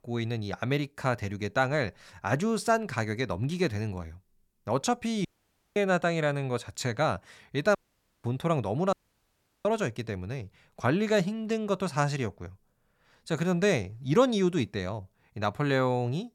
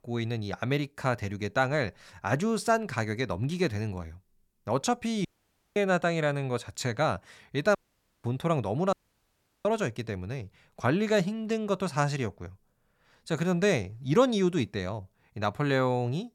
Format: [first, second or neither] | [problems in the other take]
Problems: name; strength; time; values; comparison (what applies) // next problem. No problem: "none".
neither | audio cutting out; at 5.5 s for 0.5 s, at 8 s and at 9 s for 0.5 s; the same in both